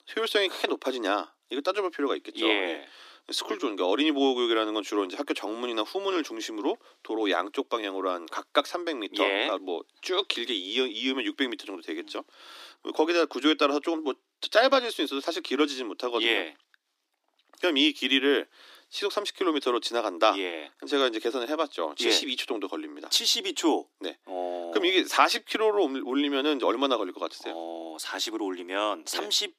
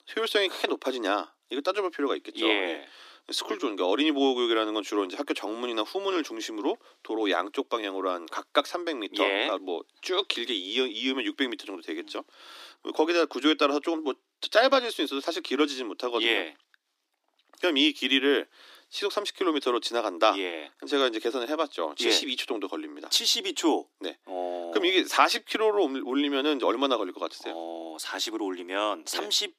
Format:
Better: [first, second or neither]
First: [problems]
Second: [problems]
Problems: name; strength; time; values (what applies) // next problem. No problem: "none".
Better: neither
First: thin; somewhat; fading below 300 Hz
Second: thin; somewhat; fading below 300 Hz